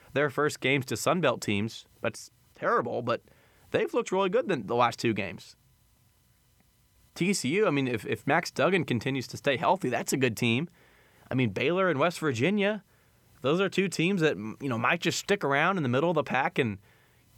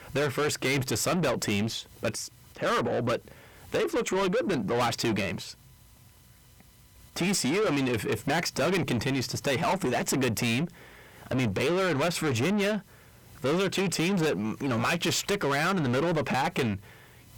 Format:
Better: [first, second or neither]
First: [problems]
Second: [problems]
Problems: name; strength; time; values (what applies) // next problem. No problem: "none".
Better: first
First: none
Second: distortion; heavy; 6 dB below the speech